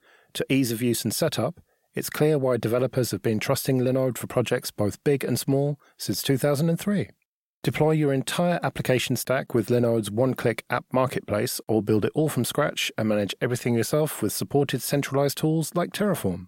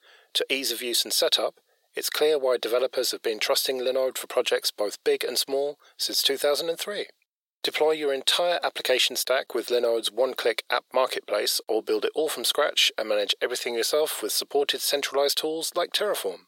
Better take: first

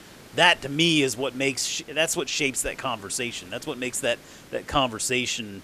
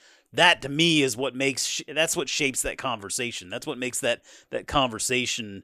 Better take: second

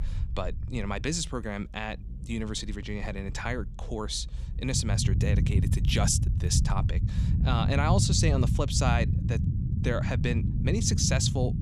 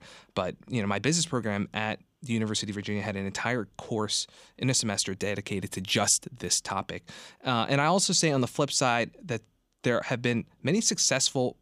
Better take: second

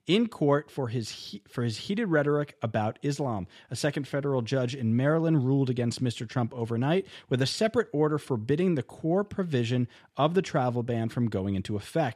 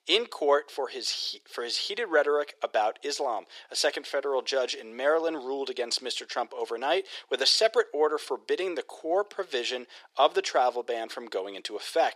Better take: first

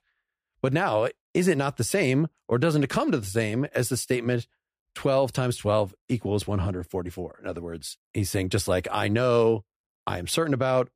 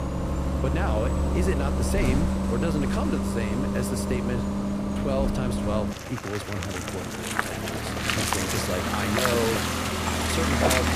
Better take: first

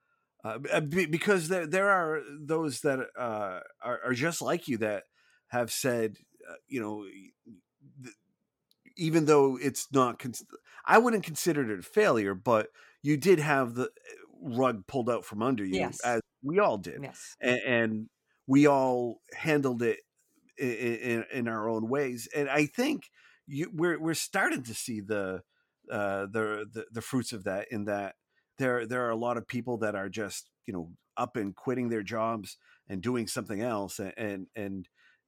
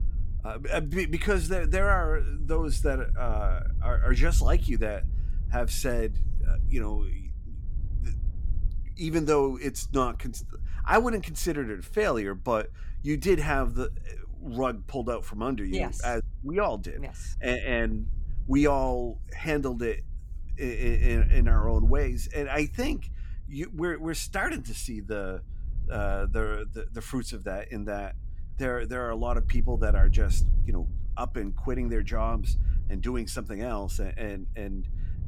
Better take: first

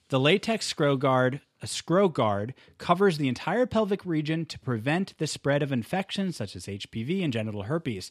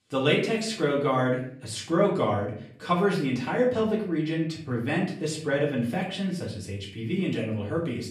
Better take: first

